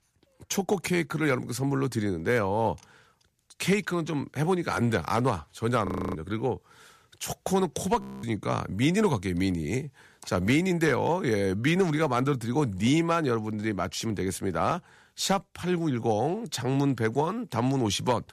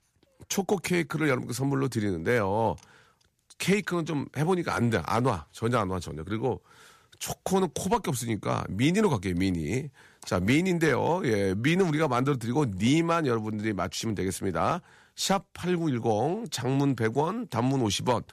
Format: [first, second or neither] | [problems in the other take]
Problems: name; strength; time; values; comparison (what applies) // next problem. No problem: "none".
second | audio freezing; at 6 s and at 8 s